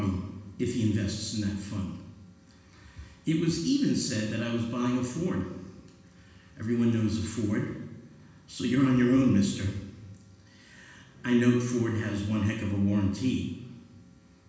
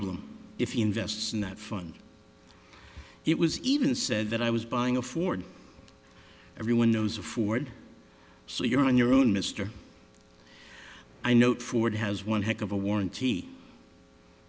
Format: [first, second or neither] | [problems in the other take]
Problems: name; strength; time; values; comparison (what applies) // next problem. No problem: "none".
second | room echo; dies away in 1.1 s